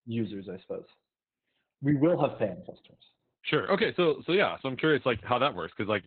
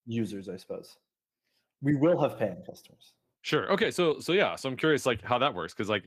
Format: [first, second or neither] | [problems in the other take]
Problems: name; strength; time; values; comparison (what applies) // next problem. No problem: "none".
second | garbled, watery; badly; nothing above 4 kHz; slightly in the second